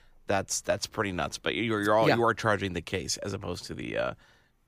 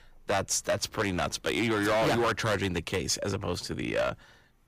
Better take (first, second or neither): first